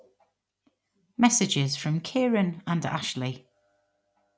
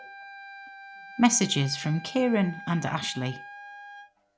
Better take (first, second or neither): first